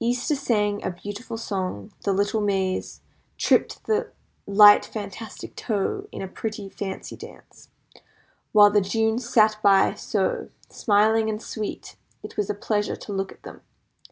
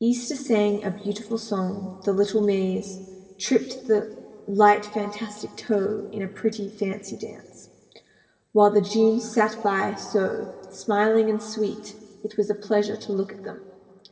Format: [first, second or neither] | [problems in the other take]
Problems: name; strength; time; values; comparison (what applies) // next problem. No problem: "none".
first | room echo; dies away in 2 s